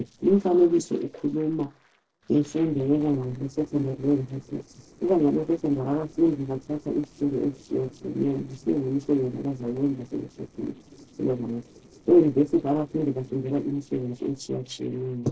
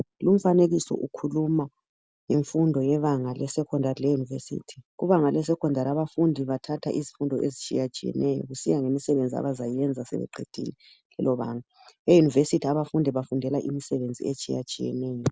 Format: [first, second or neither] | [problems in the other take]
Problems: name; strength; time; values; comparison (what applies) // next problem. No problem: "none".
second | noise reduction (neural separator model SepFormer DNS4)